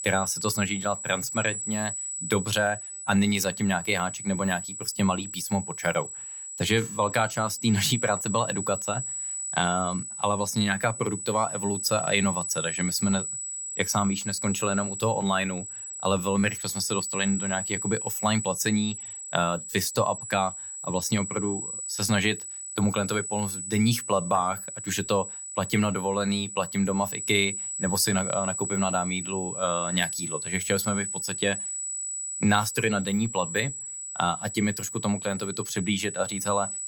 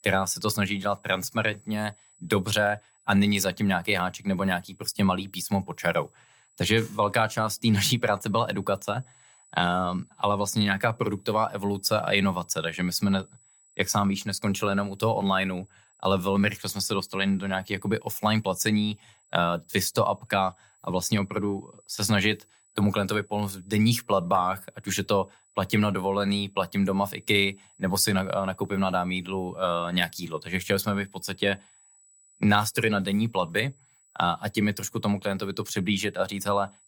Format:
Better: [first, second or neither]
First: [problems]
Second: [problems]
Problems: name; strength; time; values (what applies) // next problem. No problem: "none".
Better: second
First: high-pitched whine; loud; throughout; 8 kHz, 5 dB below the speech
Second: high-pitched whine; faint; throughout; 8 kHz, 30 dB below the speech